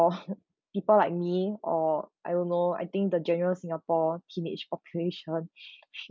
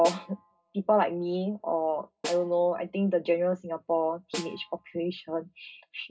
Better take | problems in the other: first | background sound (Snare drum); 15 dB below the speech // room echo; dies away in 0.2 s

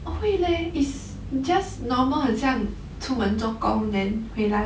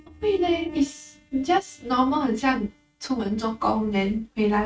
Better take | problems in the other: first | noise reduction (neural mask model RNNoise)

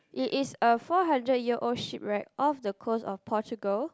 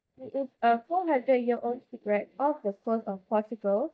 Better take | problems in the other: first | noise reduction (neural mask model DeepFilterNet 3)

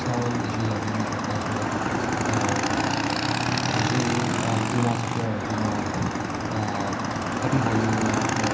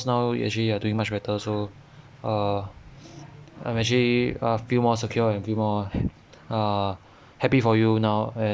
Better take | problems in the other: second | background sound (Motorcycle / Engine); 4 dB above the speech // room echo; dies away in 0.9 s

